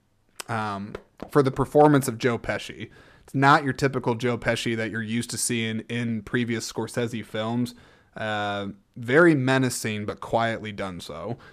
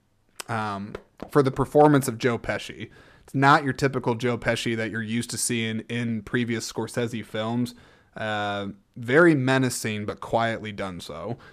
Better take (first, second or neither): neither